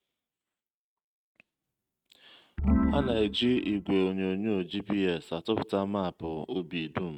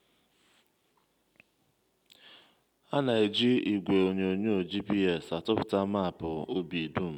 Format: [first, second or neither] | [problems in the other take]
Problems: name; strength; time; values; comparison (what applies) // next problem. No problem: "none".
second | noise reduction (neural mask model RNNoise)